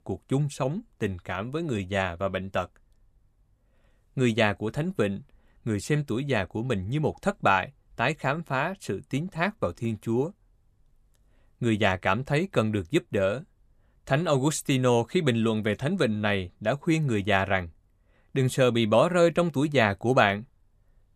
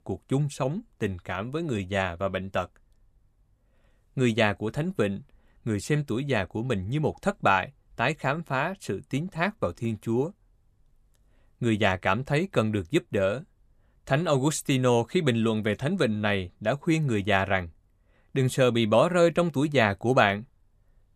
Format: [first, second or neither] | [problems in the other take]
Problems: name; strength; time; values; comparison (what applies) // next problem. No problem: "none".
neither | none